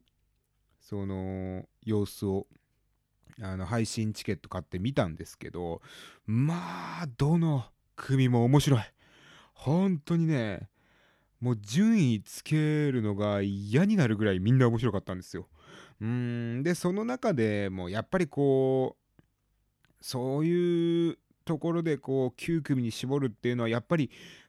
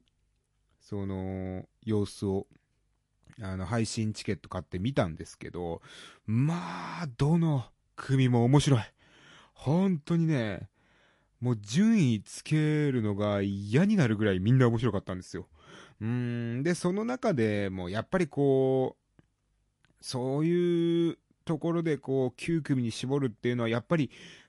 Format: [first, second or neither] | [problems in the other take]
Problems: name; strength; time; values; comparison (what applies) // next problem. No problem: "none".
first | garbled, watery; slightly; nothing above 11 kHz